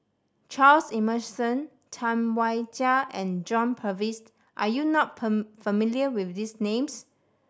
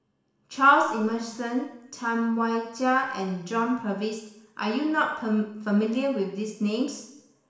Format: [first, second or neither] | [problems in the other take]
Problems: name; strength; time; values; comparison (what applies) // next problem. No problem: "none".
first | room echo; dies away in 0.7 s